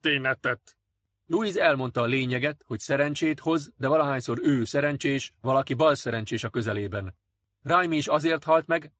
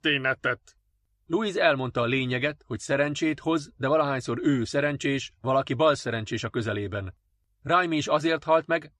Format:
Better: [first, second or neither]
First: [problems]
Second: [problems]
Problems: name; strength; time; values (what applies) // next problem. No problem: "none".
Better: second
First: garbled, watery; slightly; nothing above 7.5 kHz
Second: none